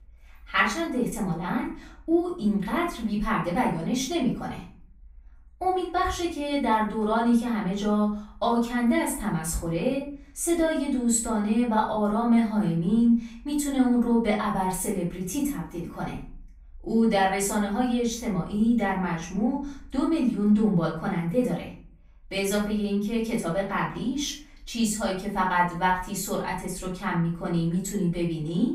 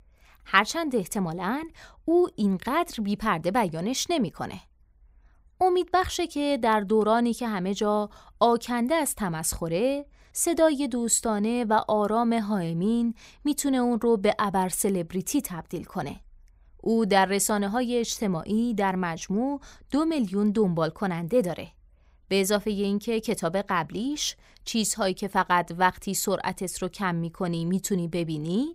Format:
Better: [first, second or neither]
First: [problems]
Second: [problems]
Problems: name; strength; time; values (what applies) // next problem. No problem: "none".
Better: second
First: off-mic speech; far // room echo; noticeable; dies away in 0.4 s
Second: none